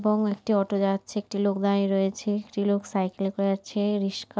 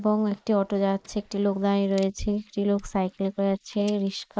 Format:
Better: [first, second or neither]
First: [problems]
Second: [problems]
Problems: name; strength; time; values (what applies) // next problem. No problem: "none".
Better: first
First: none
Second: noise reduction (neural mask model Resemble Enhance denoiser)